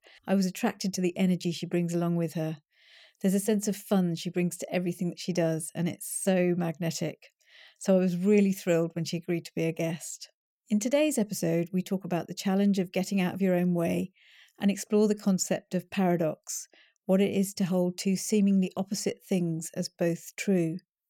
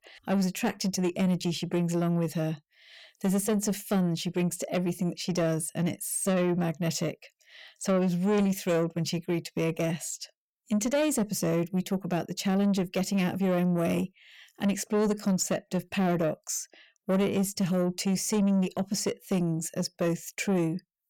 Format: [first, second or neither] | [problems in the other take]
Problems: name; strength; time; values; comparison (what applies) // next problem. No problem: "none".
first | distortion; slight; 10 dB below the speech